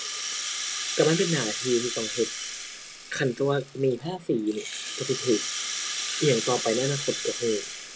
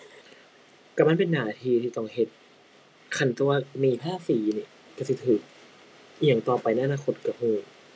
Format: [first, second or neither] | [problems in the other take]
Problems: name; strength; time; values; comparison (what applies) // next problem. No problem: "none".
second | background sound (Rattle (instrument)); 5 dB below the speech